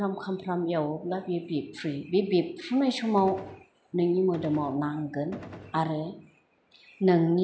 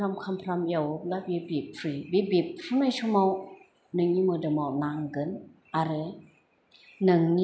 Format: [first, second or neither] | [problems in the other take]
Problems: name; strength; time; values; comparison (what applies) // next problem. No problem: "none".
second | background sound (Gunshot, gunfire); 16 dB below the speech